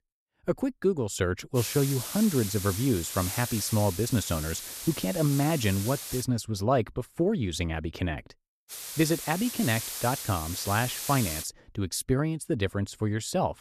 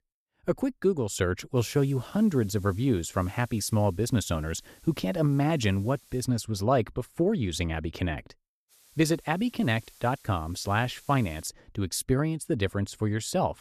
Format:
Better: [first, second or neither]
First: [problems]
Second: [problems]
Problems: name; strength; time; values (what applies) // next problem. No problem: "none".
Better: second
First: hiss; loud; from 1.5 to 6 s and from 8.5 to 11 s; 6 dB below the speech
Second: hiss; faint; from 1.5 to 6 s and from 8.5 to 11 s; 25 dB below the speech